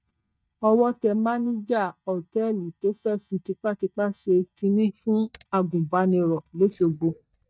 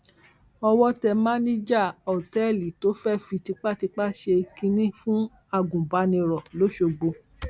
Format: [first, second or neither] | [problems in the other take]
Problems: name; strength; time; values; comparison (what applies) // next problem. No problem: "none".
second | noise reduction (neural mask model DeepFilterNet 3)